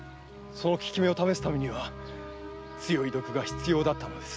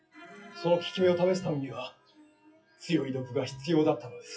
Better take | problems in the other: first | noise reduction (classical method WPE with log-MMSE)

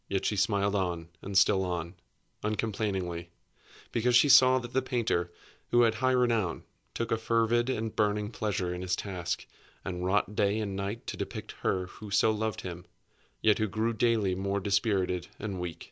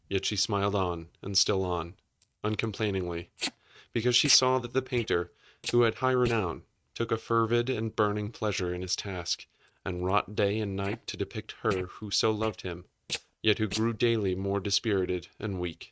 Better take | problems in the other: first | noise reduction (neural mask model RNNoise)

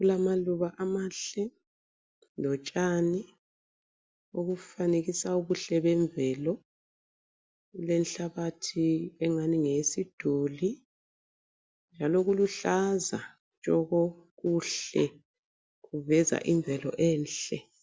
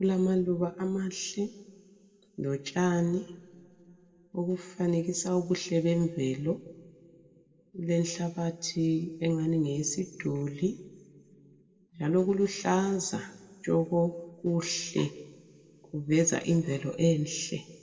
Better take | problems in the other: first | room echo; dies away in 1.2 s

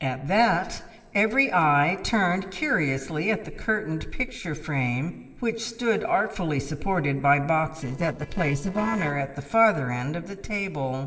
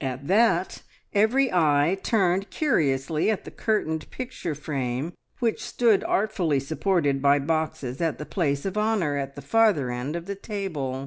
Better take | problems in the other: second | noise reduction (neural separator model SepFormer DNS4)

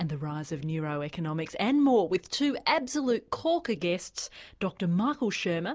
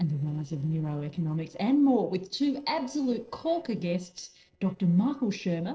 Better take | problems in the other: first | noise reduction (neural separator model SepFormer DNS4)

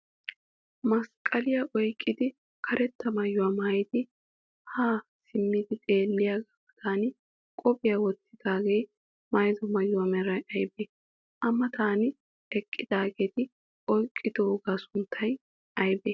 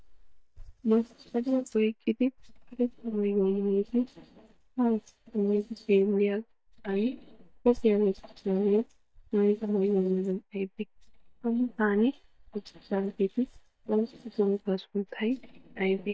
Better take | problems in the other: first | noise reduction (neural mask model DeepFilterNet 3)

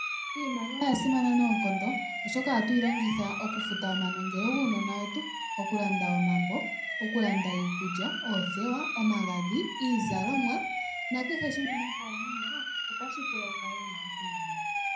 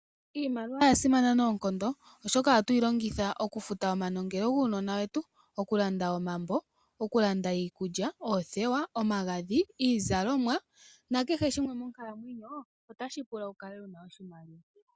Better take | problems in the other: second | background sound (Siren); 3 dB below the speech // room echo; dies away in 0.5 s

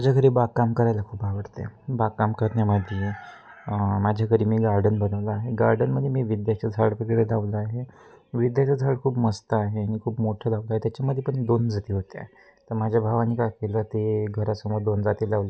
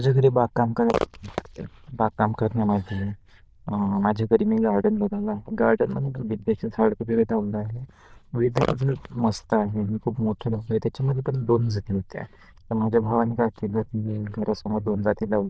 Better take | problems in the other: first | noise reduction (neural diffusion model UNIVERSE++)

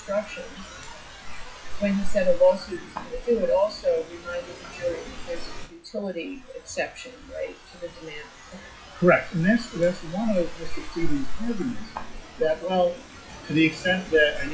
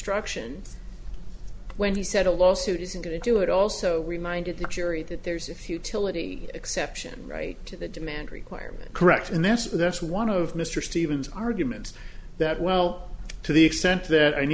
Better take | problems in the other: second | noise reduction (classical method WPE with log-MMSE)

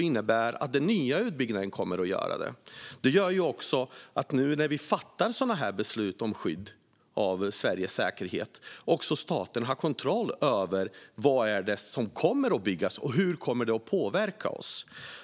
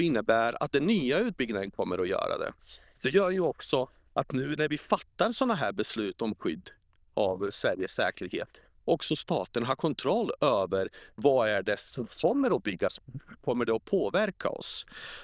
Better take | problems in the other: first | noise reduction (neural diffusion model UNIVERSE++)

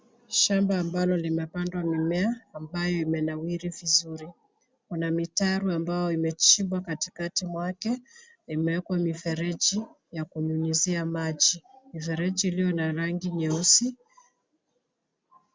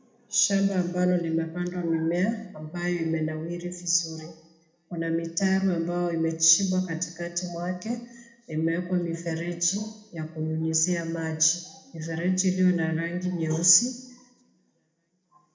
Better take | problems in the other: first | room echo; dies away in 0.7 s

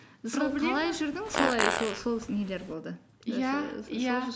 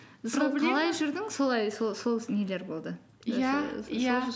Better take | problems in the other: second | background sound (Fart); 3 dB below the speech

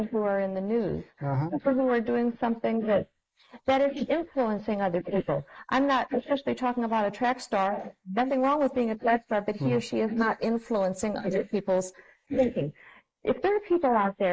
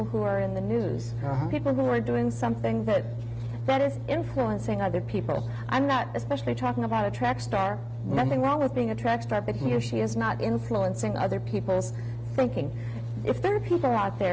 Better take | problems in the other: second | noise reduction (neural mask model Resemble Enhance denoiser)

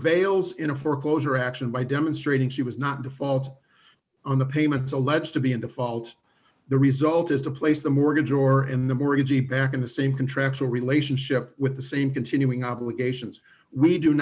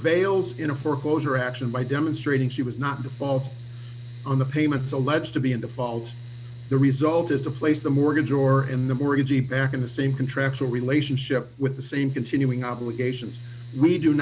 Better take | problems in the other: first | background sound (Mechanical fan); 14 dB below the speech

